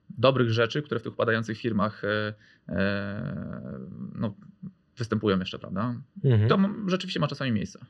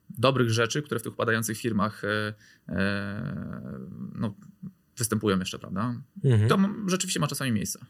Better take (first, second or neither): second